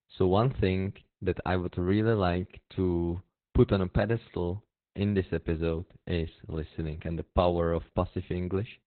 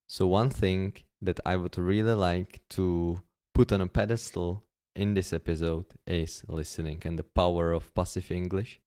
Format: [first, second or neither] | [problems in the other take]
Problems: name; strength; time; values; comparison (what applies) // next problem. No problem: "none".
second | garbled, watery; badly; nothing above 4 kHz; slightly in the second